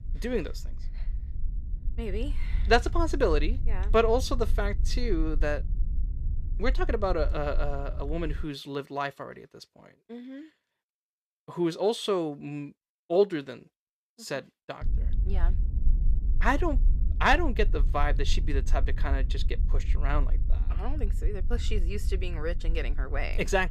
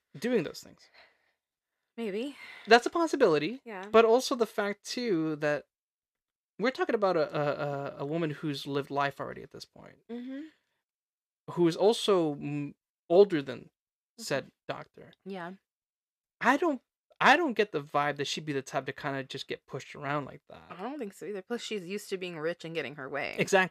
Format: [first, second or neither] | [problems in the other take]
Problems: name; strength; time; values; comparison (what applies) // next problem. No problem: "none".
second | low rumble; faint; until 8.5 s and from 15 s on; 20 dB below the speech